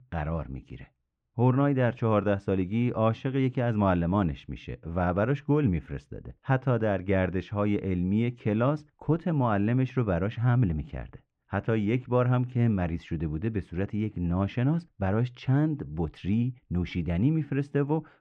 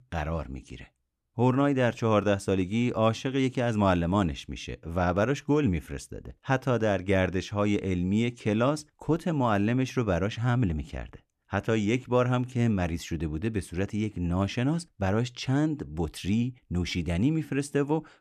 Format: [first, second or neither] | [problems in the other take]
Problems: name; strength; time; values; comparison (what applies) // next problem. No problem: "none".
second | muffled; very; fading above 2.5 kHz